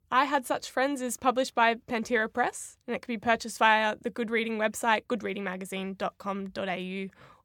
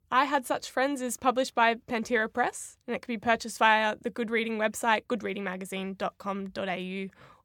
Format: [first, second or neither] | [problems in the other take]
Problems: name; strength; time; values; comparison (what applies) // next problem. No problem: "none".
neither | none